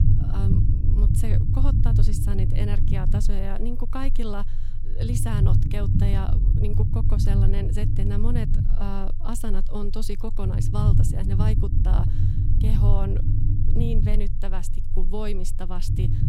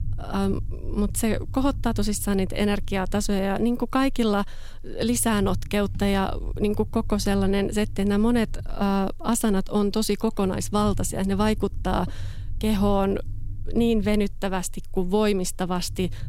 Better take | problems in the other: second | low rumble; loud; throughout; as loud as the speech; faint in the second

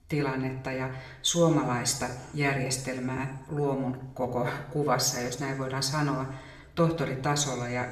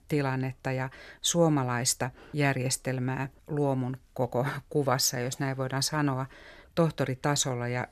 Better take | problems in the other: second | room echo; slight; dies away in 0.8 s // off-mic speech; somewhat distant

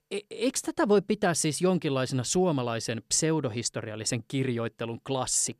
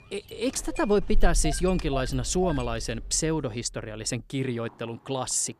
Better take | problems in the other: first | traffic noise; loud; throughout; 8 dB below the speech

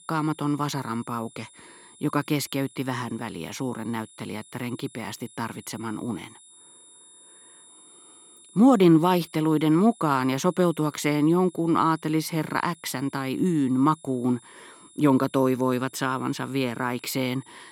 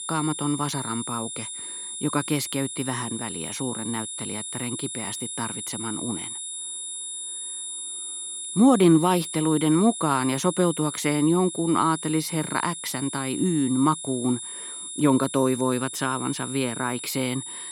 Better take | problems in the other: first | high-pitched whine; loud; throughout; 10 kHz, 7 dB below the speech; faint in the first

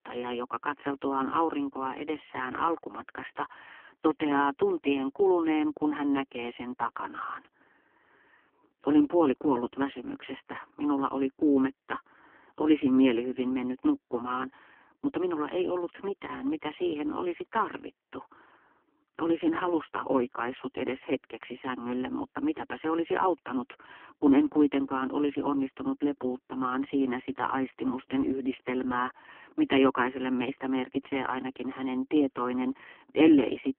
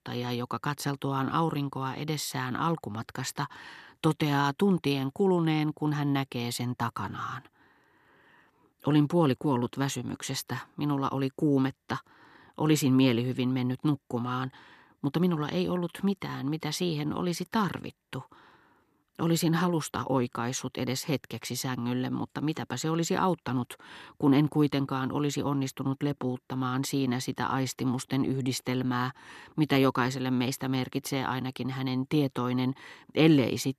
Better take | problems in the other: second | phone-call audio; poor line; nothing above 3 kHz

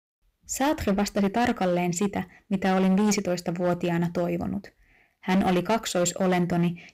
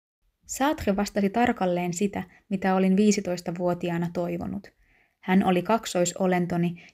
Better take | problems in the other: second | distortion; slight; 11% of the sound clipped

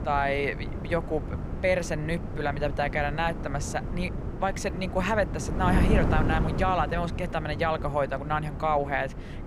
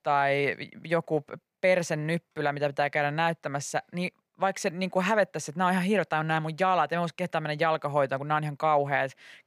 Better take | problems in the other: second | wind noise on the microphone; occasional gusts; 10 dB below the speech

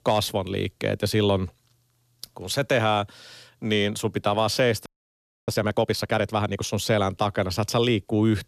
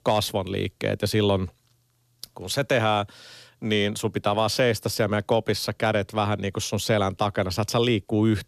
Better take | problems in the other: second | audio freezing; at 5 s for 0.5 s

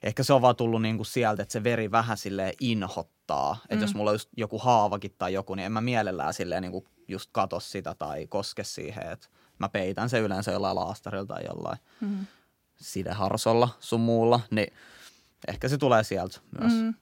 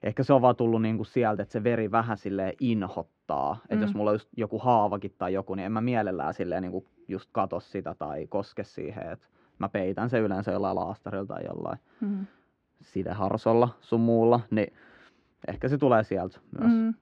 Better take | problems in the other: first | muffled; very; fading above 2 kHz

